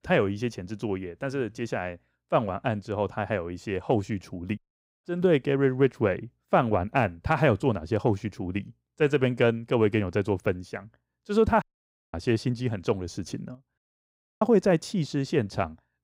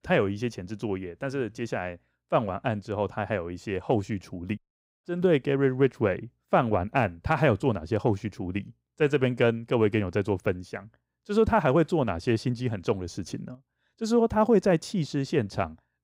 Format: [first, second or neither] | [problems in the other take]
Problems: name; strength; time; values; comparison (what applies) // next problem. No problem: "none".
second | audio cutting out; at 12 s for 0.5 s and at 14 s for 0.5 s